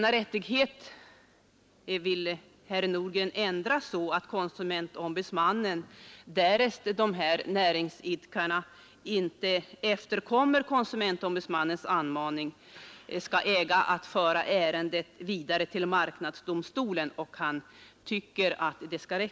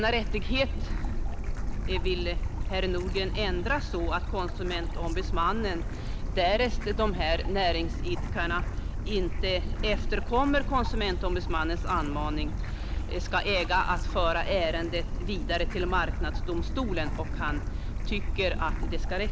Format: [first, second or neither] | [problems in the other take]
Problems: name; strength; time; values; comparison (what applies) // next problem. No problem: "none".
first | background sound (Stream / Bird); 1 dB above the speech